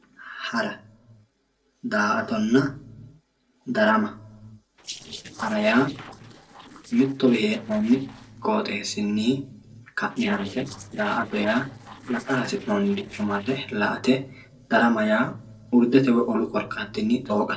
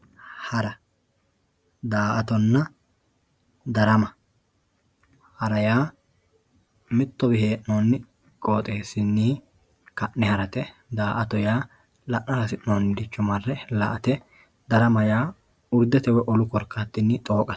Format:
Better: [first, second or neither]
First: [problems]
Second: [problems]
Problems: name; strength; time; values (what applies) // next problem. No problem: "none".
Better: second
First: noise reduction (neural separator model SepFormer DNS4)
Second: none